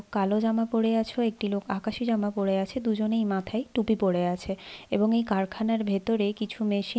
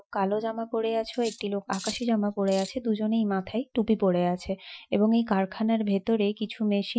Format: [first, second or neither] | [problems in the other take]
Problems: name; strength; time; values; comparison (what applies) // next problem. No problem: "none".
first | noise reduction (classical method Wiener filter)